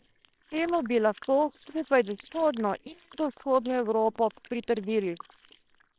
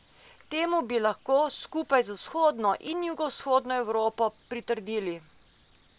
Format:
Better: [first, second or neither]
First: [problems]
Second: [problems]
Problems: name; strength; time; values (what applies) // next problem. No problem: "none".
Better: second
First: noise reduction (neural separator model SepFormer WHAMR!)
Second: none